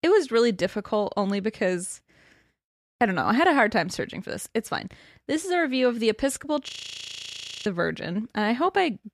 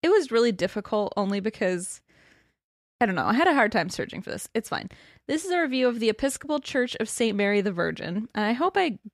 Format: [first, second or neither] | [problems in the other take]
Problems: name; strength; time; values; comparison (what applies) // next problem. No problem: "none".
second | audio freezing; at 6.5 s for 1 s